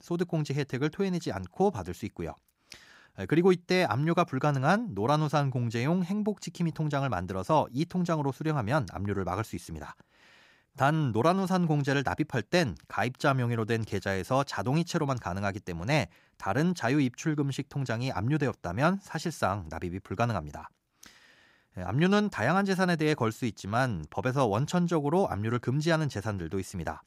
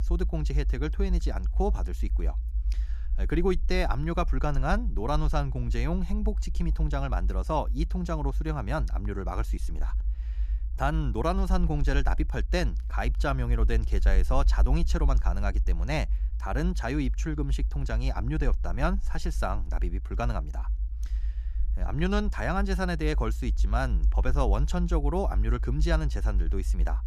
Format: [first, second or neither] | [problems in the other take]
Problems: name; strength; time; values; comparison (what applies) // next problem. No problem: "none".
first | low rumble; noticeable; throughout; 20 dB below the speech